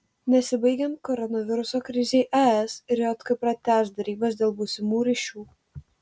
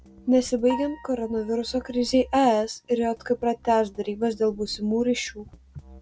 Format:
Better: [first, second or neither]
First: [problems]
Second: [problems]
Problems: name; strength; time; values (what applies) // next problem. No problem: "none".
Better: first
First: none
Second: background sound (Piano + Drum kit); 20 dB below the speech